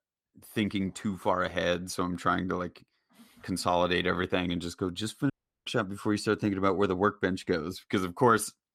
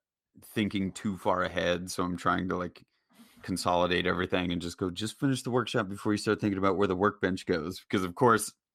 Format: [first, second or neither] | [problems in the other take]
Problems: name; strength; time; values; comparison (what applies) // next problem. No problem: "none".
second | audio cutting out; at 5.5 s